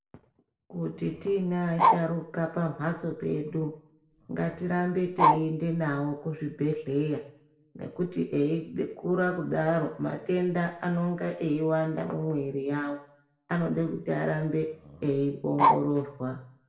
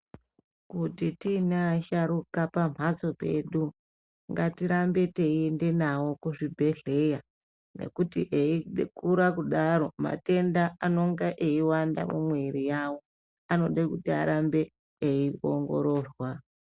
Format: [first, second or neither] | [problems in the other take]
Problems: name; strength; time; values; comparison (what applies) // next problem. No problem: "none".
second | background sound (Bark); as loud as the speech // room echo; dies away in 0.6 s